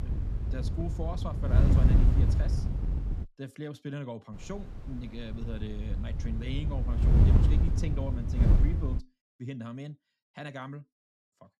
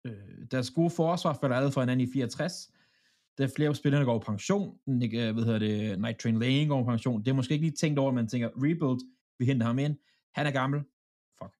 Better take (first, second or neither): second